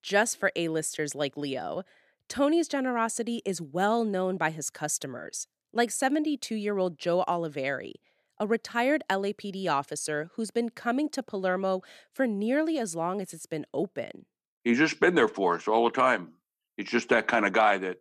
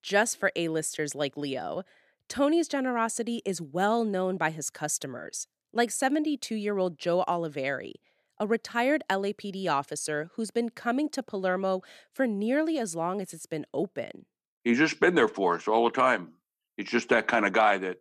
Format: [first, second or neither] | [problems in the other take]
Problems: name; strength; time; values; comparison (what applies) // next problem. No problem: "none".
neither | none